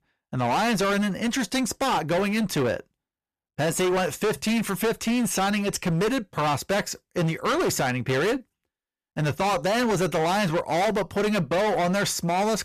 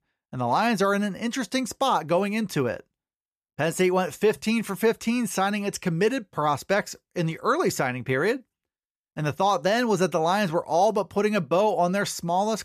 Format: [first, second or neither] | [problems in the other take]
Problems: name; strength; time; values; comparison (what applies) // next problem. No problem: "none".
second | distortion; heavy; 27% of the sound clipped